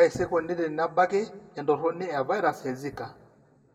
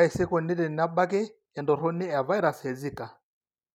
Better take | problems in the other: second | room echo; dies away in 1.2 s

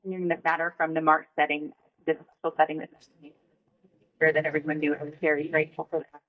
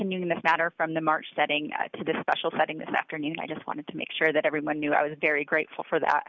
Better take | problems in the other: second | noise reduction (neural mask model DeepFilterNet 3)

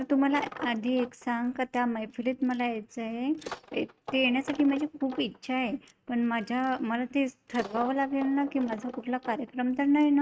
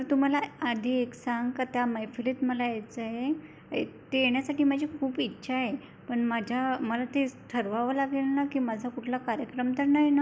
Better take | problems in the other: second | noise reduction (neural mask model RNNoise)

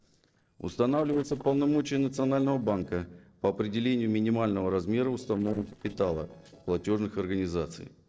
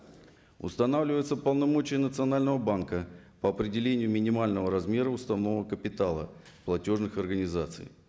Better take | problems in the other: second | noise reduction (neural separator model SepFormer DNS4)

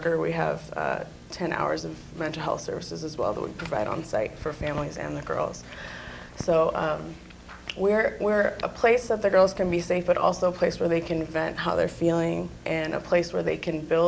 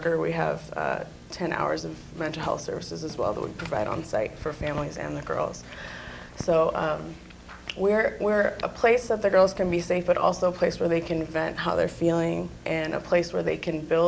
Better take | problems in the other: first | background sound (Drum kit); 19 dB below the speech

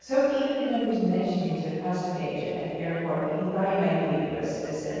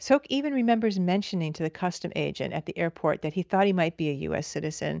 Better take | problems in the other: second | noise reduction (neural separator model SepFormer DNS4)

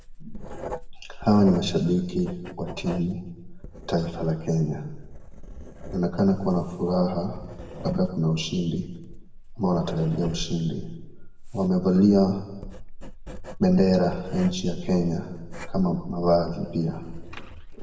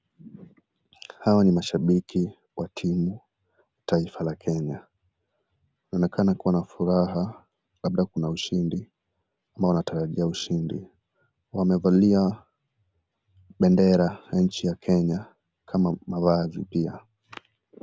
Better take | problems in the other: second | background sound (Writing); 11 dB below the speech // room echo; dies away in 0.9 s

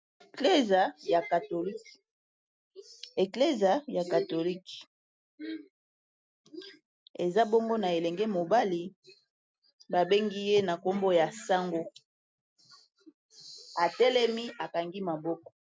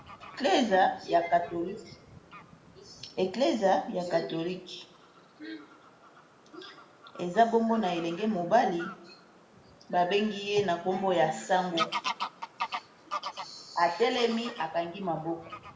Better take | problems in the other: first | background sound (Bird vocalization, bird call, bird song / Fowl); 13 dB below the speech // room echo; dies away in 0.6 s

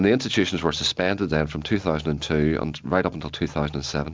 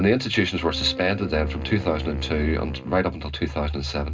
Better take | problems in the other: first | background sound (Wind instrument, woodwind instrument); 14 dB below the speech // room echo; dies away in 0.2 s

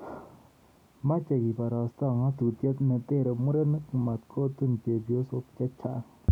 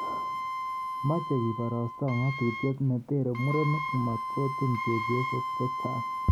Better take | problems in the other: first | background sound (Wind instrument, woodwind instrument + Wind instrument, woodwind instrument); 4 dB below the speech

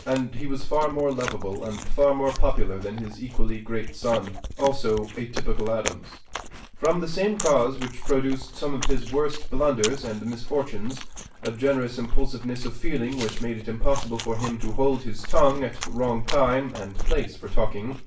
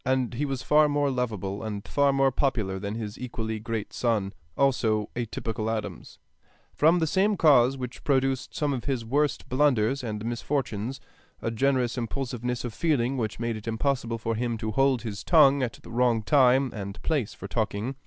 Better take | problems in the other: second | background sound (Chewing, mastication); 16 dB below the speech // room echo; dies away in 0.3 s

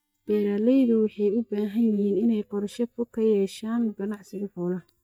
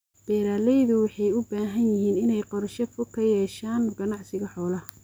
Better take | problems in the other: second | noise reduction (neural mask model DeepFilterNet 3)

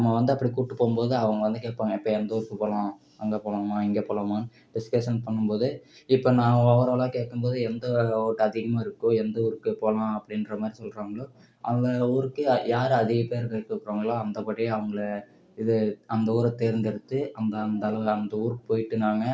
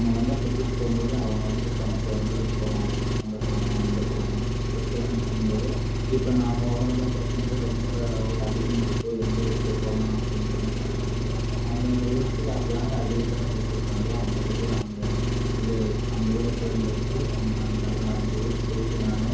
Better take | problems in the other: first | background sound (Engine); 5 dB above the speech // room echo; dies away in 0.6 s

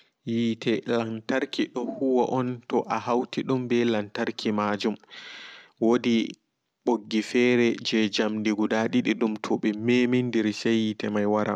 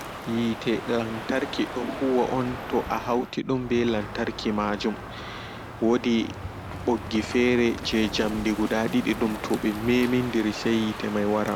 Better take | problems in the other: first | background sound (Crow); 10 dB below the speech

